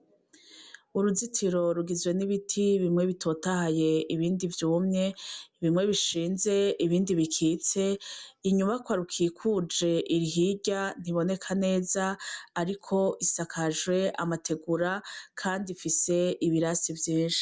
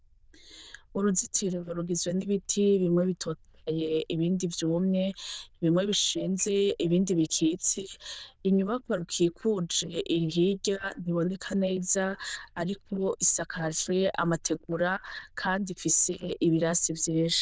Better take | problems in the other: first | noise reduction (neural diffusion model UNIVERSE++)

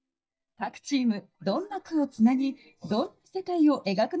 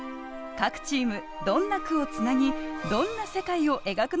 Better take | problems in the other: second | noise reduction (neural mask model DeepFilterNet 3)

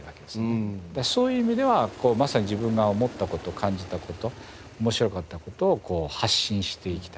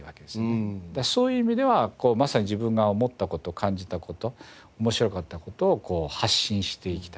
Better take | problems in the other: second | background sound (Aircraft); 18 dB below the speech

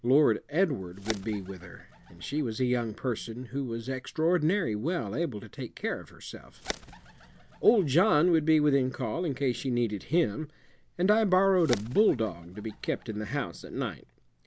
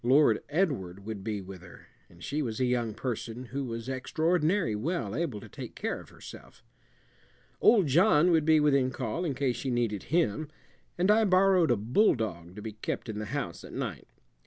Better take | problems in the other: second | background sound (Bird); 17 dB below the speech

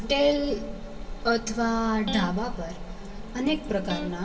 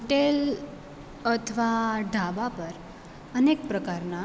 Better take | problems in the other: second | background sound (Electric guitar); 13 dB below the speech // room echo; dies away in 0.1 s

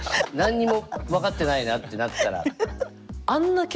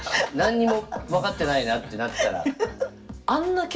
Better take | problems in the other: first | room echo; dies away in 0.7 s

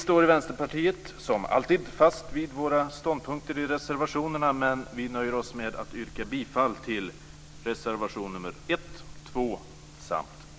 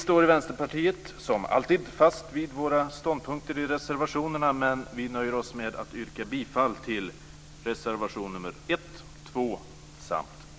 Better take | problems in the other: second | background sound (Wind); 19 dB below the speech

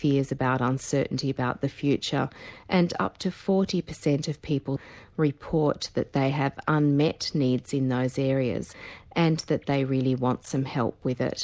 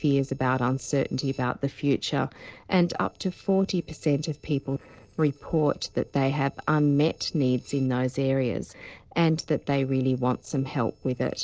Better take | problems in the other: first | noise reduction (neural separator model SepFormer DNS4)

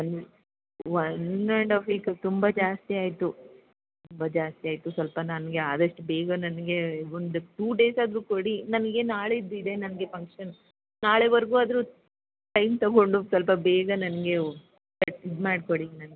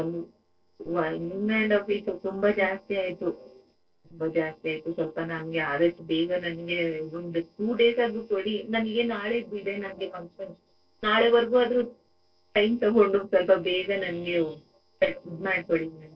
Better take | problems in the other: first | noise reduction (neural separator model SepFormer DNS4)

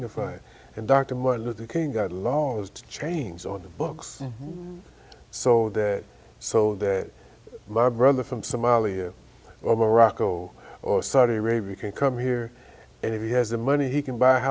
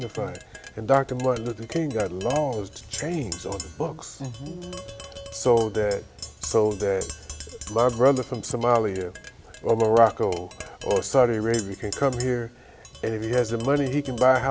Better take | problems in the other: first | background sound (Tap); 15 dB below the speech

